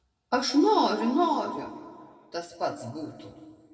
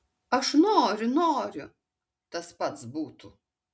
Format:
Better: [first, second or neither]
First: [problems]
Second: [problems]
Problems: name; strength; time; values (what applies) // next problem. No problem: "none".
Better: second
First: room echo; dies away in 1.6 s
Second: none